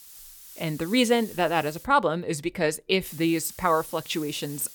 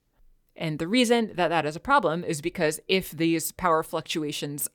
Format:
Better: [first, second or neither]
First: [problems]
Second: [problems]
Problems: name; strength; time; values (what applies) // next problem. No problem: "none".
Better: second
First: hiss; noticeable; until 2 s and from 3 s on; 15 dB below the speech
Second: none